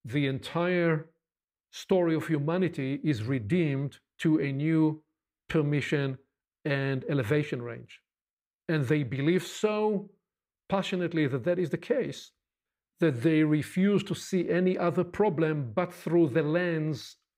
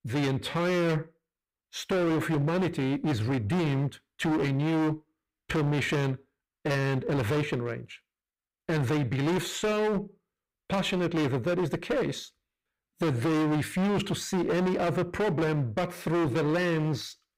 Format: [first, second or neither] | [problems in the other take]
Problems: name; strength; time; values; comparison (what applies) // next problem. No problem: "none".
first | distortion; heavy; 26% of the sound clipped